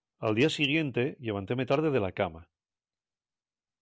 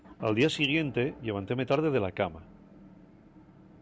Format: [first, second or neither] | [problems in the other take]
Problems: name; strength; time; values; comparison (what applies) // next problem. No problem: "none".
first | background sound (Motor vehicle (road) / Engine); 20 dB below the speech